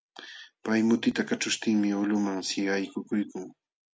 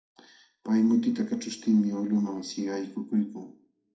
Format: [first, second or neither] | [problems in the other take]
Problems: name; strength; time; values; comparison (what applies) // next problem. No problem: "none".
first | noise reduction (neural separator model SepFormer DNS4)